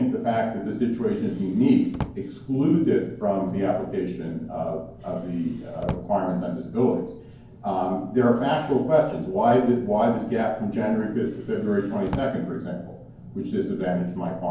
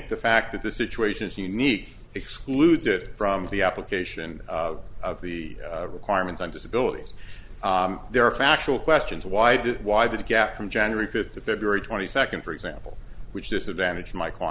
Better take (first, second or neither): second